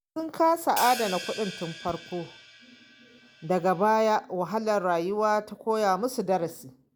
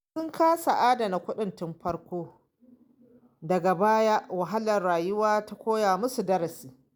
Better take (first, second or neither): second